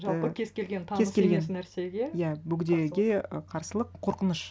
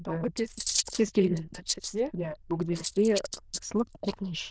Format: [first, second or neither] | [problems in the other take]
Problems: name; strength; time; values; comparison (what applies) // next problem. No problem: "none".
first | noise reduction (neural diffusion model UNIVERSE++)